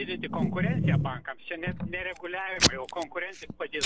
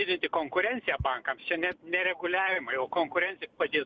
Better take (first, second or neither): second